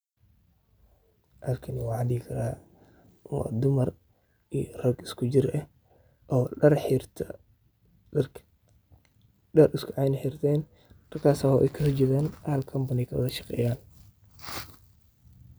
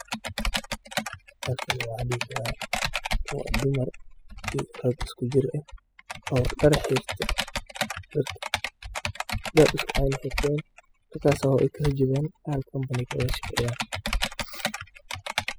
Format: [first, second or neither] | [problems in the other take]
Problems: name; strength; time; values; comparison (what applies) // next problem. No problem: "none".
first | noise reduction (classical method spectral subtraction)